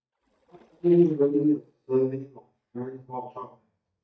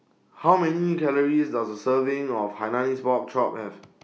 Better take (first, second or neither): second